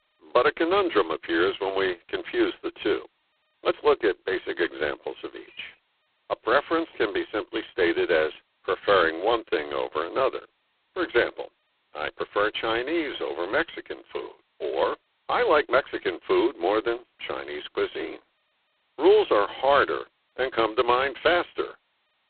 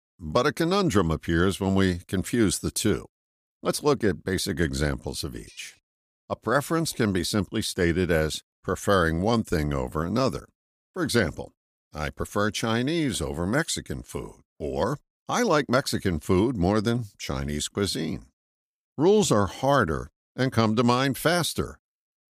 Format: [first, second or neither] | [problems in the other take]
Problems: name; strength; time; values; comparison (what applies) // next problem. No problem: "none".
second | phone-call audio; poor line; nothing above 4 kHz